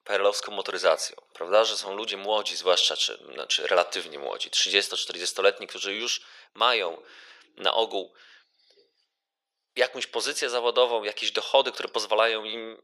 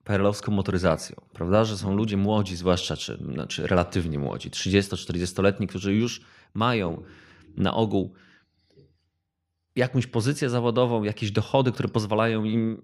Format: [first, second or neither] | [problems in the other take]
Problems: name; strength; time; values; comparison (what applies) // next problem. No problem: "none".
second | thin; very; fading below 500 Hz